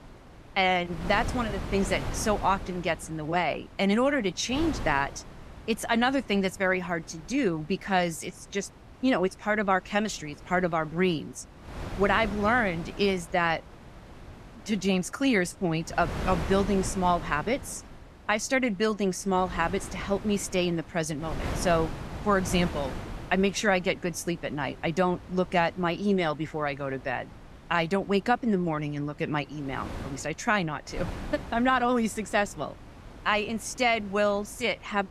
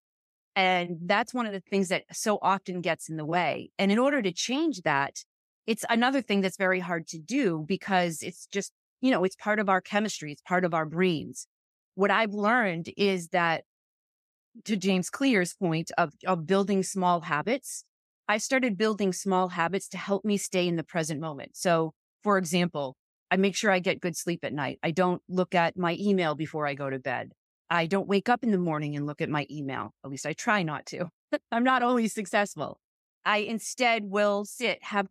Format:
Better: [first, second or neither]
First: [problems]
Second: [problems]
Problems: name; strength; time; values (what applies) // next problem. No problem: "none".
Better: second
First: wind noise on the microphone; occasional gusts; 15 dB below the speech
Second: none